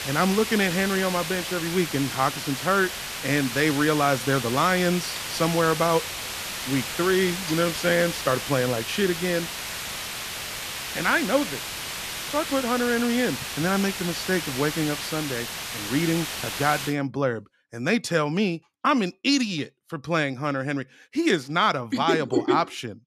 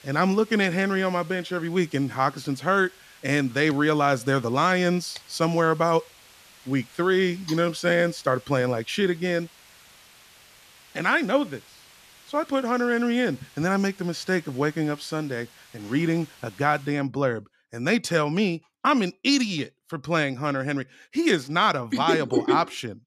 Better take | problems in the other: second | hiss; loud; until 17 s; 6 dB below the speech; faint in the second

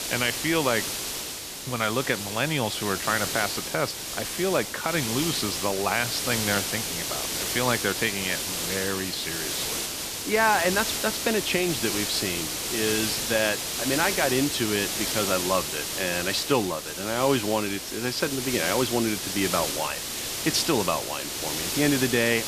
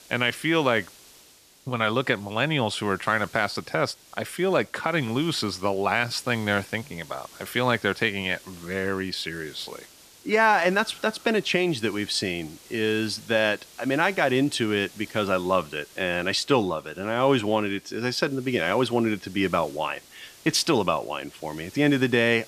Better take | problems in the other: second | hiss; loud; throughout; 1 dB below the speech; faint in the second

